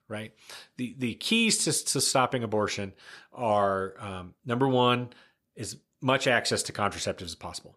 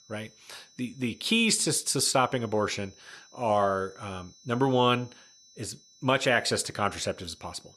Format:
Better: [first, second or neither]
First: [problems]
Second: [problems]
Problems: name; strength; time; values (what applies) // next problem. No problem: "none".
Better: first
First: none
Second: high-pitched whine; faint; throughout; 6 kHz, 25 dB below the speech